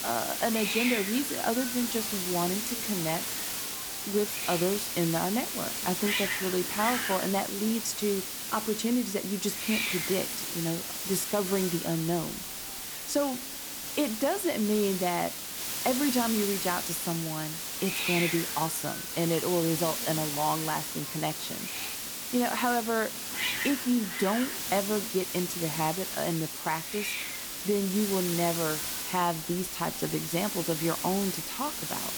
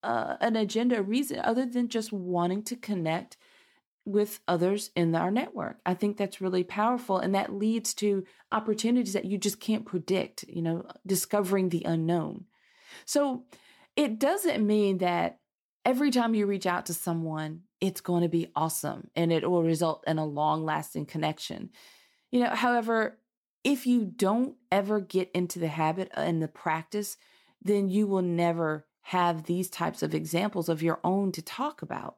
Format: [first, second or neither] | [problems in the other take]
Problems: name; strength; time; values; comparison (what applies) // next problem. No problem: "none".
second | hiss; loud; throughout; 1 dB below the speech